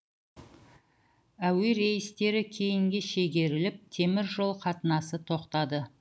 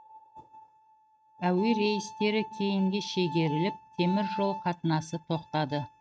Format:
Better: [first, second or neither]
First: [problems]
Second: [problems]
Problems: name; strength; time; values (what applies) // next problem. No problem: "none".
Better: first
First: none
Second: noise reduction (neural mask model RNNoise)